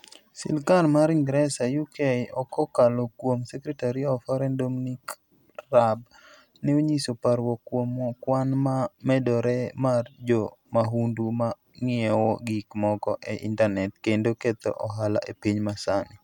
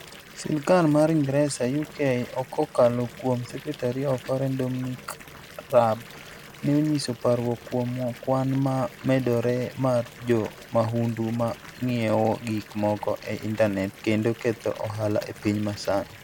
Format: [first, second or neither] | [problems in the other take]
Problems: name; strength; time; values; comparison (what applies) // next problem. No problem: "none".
first | background sound (Fill (with liquid) / Bathtub (filling or washing) / Water tap, faucet); 19 dB below the speech